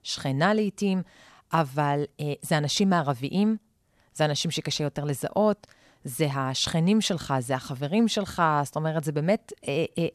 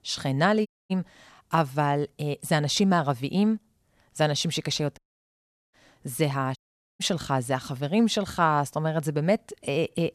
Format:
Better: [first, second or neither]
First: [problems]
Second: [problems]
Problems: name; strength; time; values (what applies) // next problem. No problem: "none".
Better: first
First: none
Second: audio cutting out; at 0.5 s, at 5 s for 1 s and at 6.5 s